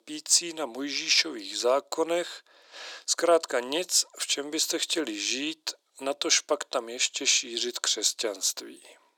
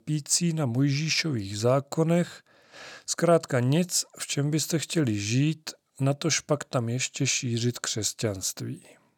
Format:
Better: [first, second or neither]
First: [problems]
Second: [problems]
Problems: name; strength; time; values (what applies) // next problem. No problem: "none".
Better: second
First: thin; very; fading below 350 Hz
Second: none